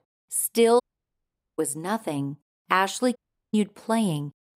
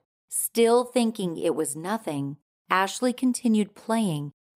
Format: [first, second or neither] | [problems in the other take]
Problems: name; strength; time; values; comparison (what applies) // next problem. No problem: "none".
second | audio cutting out; at 1 s for 1 s and at 3 s